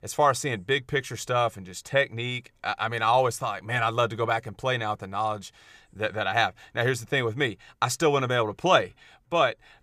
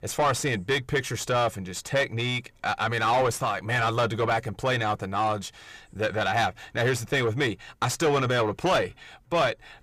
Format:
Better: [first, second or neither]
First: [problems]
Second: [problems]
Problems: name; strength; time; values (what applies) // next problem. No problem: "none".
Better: first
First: none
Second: distortion; heavy; 7 dB below the speech